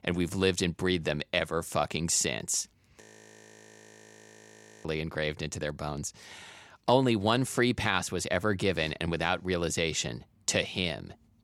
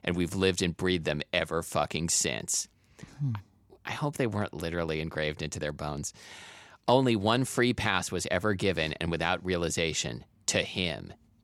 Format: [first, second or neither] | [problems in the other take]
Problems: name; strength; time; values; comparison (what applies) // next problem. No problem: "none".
second | audio freezing; at 3 s for 2 s